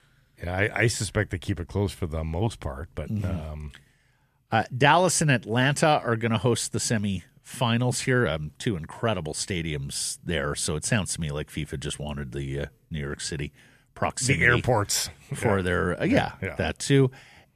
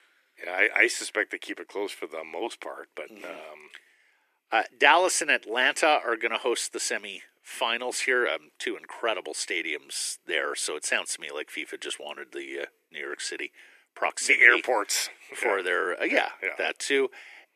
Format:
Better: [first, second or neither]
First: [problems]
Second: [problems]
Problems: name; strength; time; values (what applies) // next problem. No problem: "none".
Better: first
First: none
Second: thin; very; fading below 350 Hz